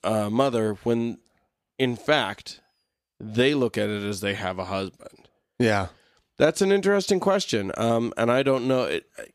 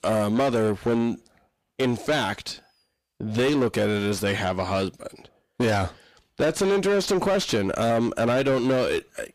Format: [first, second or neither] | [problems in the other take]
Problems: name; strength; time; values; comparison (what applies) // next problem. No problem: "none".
first | distortion; heavy; 7 dB below the speech